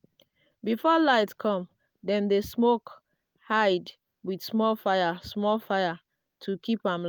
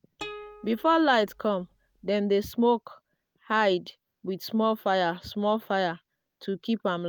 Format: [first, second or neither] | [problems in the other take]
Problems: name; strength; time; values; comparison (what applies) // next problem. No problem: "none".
first | background sound (Plucked string instrument); 18 dB below the speech